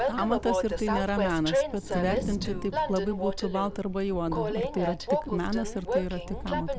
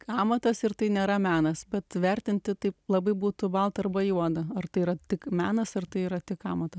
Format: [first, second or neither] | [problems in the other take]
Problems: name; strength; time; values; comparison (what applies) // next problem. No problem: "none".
second | background sound (Train); as loud as the speech